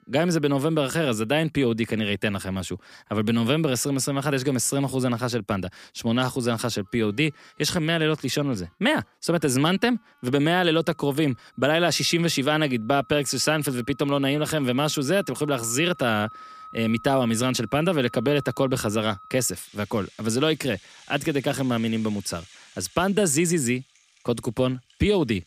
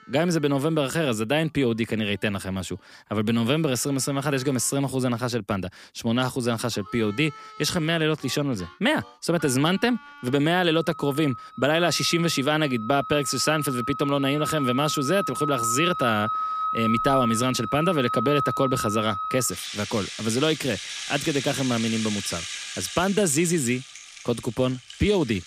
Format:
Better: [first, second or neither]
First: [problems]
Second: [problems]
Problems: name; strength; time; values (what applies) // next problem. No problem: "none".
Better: first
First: background music; faint; throughout; 25 dB below the speech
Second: background music; loud; throughout; 7 dB below the speech